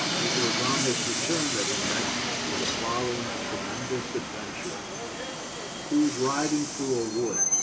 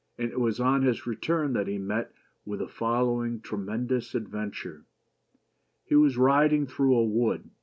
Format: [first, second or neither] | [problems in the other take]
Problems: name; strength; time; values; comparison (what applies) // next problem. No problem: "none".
second | background sound (Train); 1 dB above the speech // room echo; dies away in 0.4 s